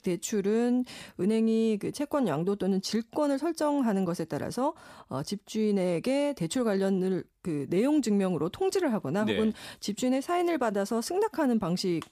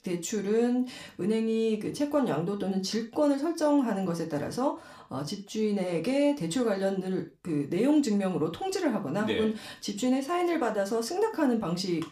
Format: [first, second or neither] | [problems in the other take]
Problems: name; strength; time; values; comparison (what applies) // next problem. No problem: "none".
first | room echo; very slight; dies away in 0.3 s